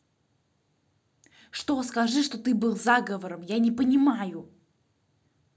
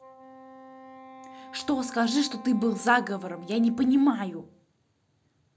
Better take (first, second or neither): first